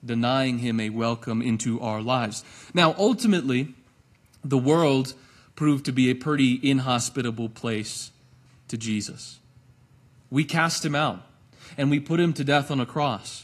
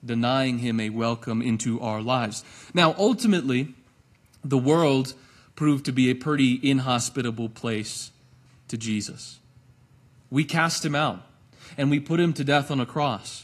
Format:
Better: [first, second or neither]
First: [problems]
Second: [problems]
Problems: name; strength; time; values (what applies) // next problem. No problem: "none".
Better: neither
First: garbled, watery; slightly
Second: garbled, watery; slightly